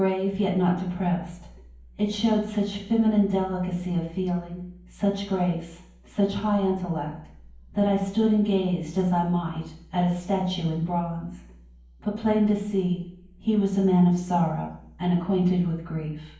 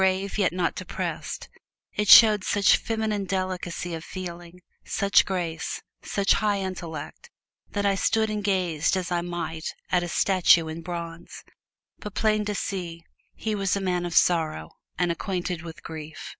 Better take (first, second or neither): second